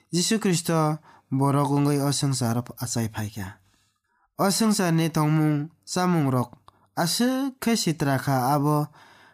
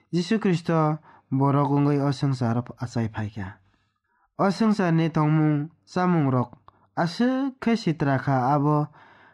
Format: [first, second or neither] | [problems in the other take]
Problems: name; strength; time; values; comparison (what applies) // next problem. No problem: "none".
first | muffled; slightly; fading above 2.5 kHz